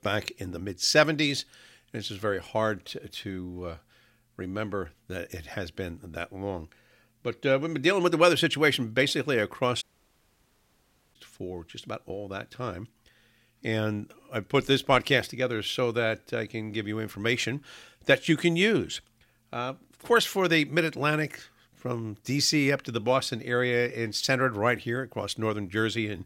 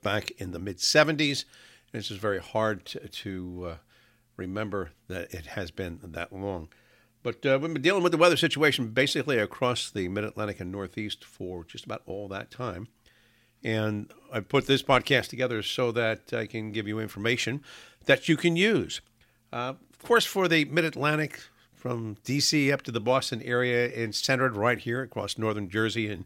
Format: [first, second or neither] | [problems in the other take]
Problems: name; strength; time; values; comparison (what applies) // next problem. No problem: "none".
second | audio cutting out; at 10 s for 1.5 s